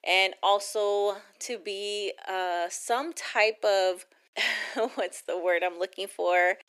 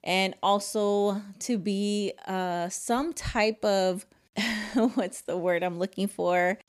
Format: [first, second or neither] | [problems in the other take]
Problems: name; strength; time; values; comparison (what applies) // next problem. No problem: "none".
second | thin; very; fading below 350 Hz